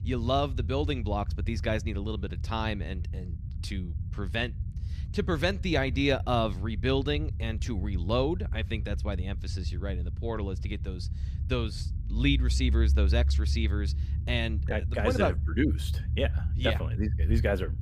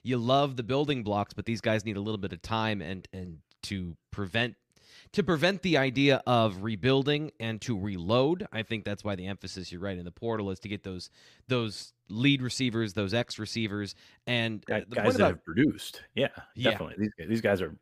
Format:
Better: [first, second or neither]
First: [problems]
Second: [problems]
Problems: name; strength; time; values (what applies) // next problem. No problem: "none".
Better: second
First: low rumble; noticeable; throughout; 15 dB below the speech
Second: none